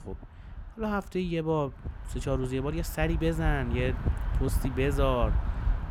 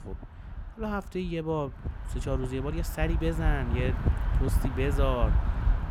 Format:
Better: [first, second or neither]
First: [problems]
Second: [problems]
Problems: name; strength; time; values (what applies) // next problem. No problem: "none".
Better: first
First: wind noise on the microphone; occasional gusts; 10 dB below the speech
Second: wind noise on the microphone; heavy; 7 dB below the speech